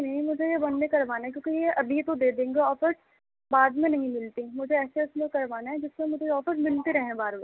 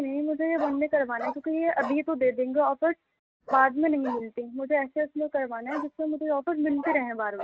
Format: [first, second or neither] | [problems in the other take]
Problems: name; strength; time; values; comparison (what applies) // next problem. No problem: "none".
first | noise reduction (neural mask model RNNoise)